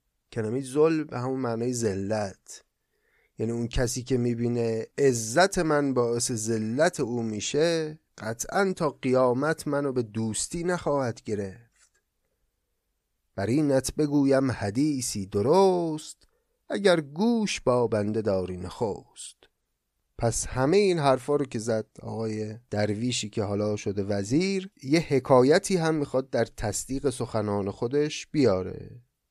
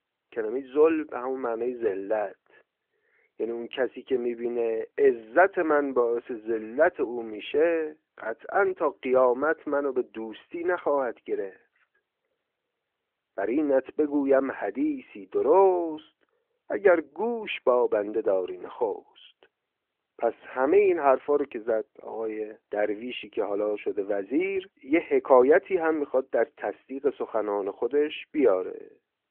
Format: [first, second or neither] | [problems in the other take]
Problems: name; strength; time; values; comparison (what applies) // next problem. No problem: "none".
first | phone-call audio; nothing above 3.5 kHz